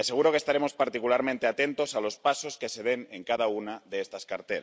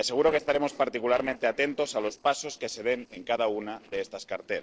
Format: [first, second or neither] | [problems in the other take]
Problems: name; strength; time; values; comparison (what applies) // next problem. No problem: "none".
first | noise reduction (neural separator model SepFormer DNS4)